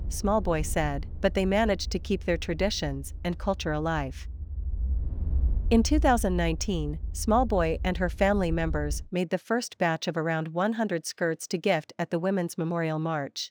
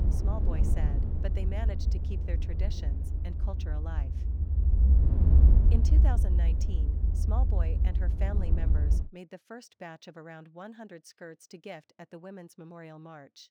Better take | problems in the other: first | low rumble; loud; until 9 s; as loud as the speech; faint in the first

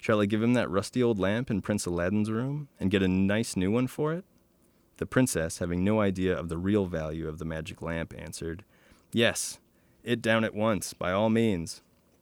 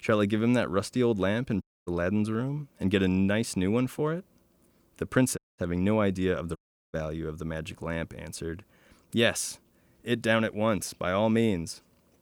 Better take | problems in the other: first | audio cutting out; at 1.5 s, at 5.5 s and at 6.5 s

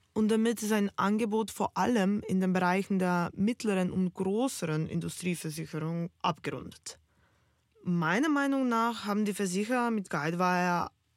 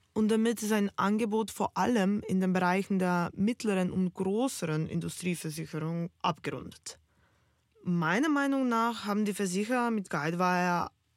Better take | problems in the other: neither | none

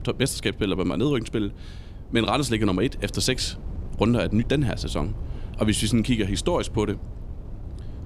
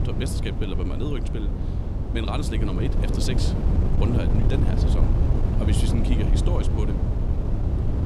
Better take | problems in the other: first | wind noise on the microphone; heavy; 1 dB below the speech; occasional gusts in the first

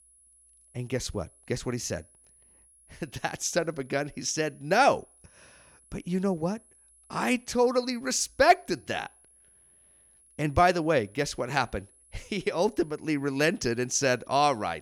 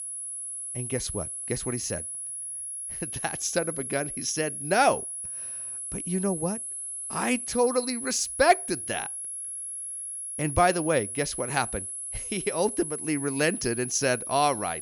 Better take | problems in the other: first | high-pitched whine; loud; throughout; 10.5 kHz, 5 dB below the speech; faint in the first

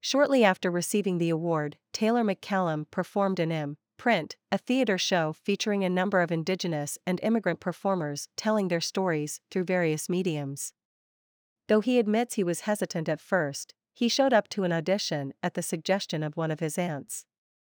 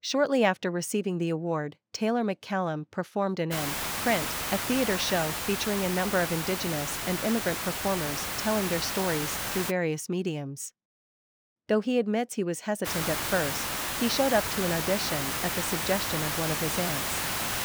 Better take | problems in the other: first | hiss; loud; from 3.5 to 9.5 s and from 13 s on; as loud as the speech

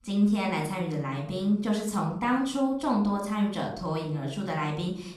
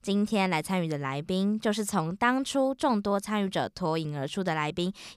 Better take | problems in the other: second | off-mic speech; far // room echo; slight; dies away in 0.5 s

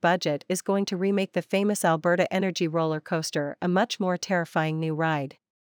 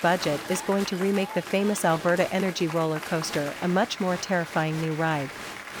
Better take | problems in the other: first | crowd noise; loud; throughout; 10 dB below the speech

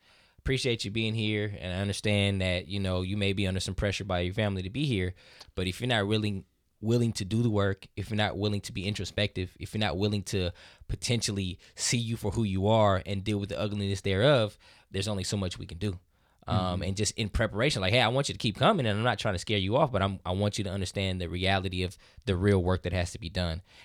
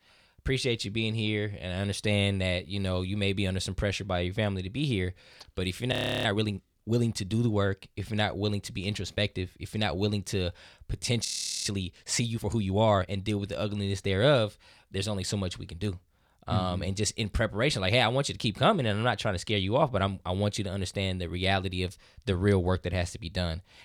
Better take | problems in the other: first | audio freezing; at 6 s and at 11 s

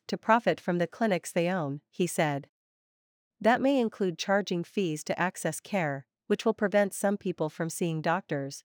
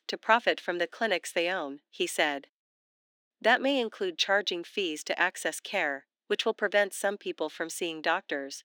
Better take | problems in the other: first | thin; somewhat; fading below 250 Hz

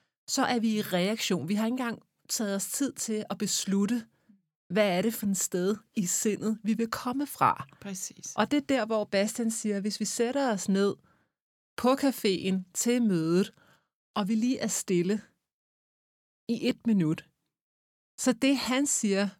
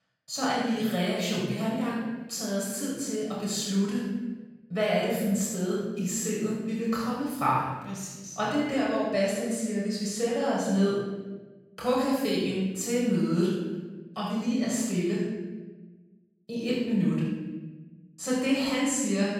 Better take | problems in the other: first | off-mic speech; far // room echo; strong; dies away in 1.2 s

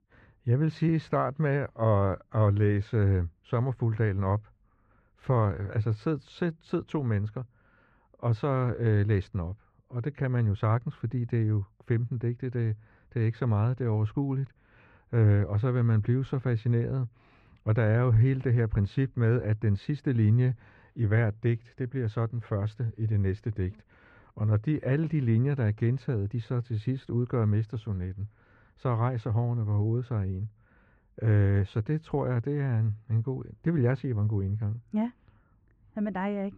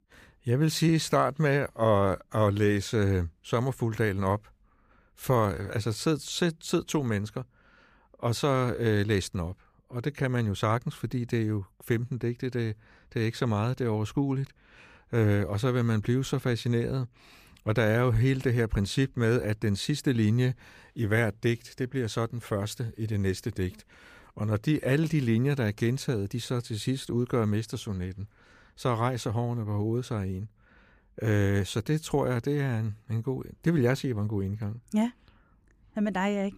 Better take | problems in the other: second | muffled; very; fading above 2 kHz

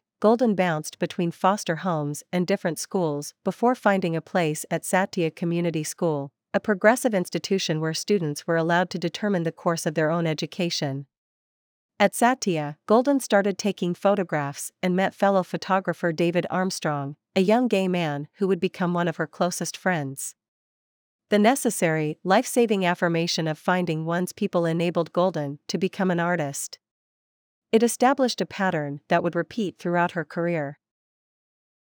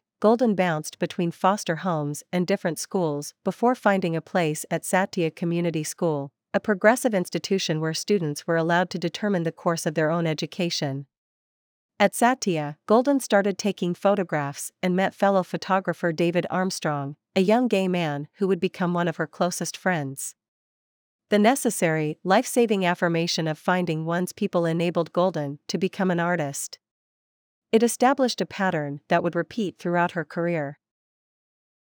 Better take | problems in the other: neither | none

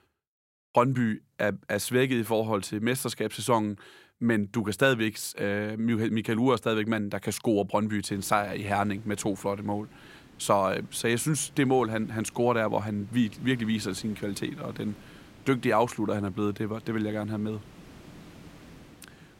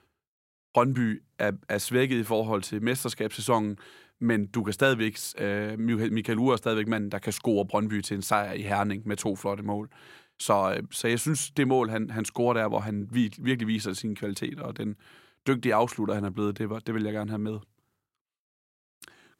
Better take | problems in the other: second | hiss; faint; from 8 s on; 25 dB below the speech

